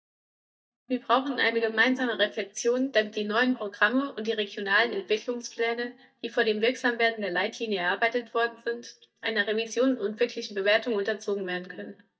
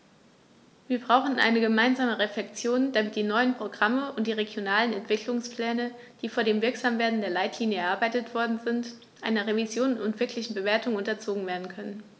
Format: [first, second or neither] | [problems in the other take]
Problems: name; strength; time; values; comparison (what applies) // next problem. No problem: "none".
second | noise reduction (neural mask model DeepFilterNet 3)